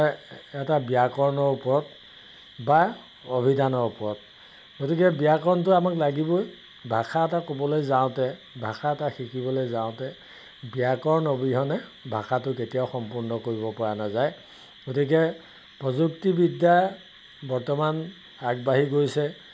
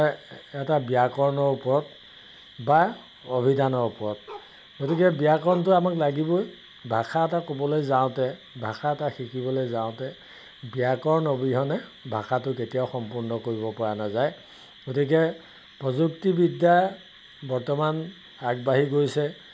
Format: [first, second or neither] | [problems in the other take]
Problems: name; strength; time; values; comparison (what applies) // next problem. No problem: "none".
first | background sound (Bark); 18 dB below the speech